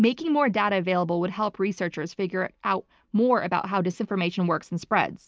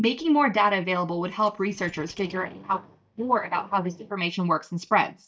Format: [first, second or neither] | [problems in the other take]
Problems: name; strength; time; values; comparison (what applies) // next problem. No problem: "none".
first | noise reduction (neural mask model DeepFilterNet 3)